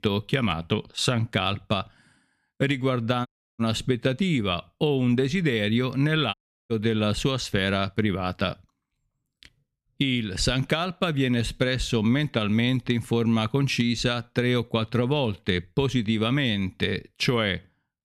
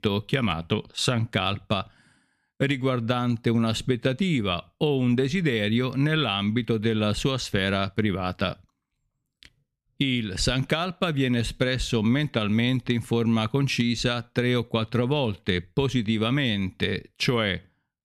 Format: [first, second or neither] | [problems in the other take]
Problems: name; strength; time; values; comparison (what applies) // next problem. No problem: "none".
second | audio cutting out; at 3.5 s and at 6.5 s